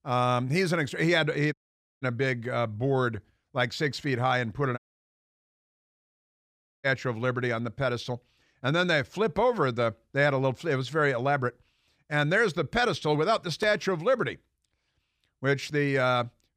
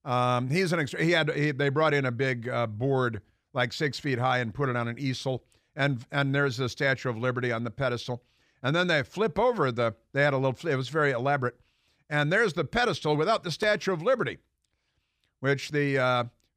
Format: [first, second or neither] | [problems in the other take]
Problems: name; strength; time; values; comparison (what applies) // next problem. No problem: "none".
second | audio cutting out; at 1.5 s and at 5 s for 2 s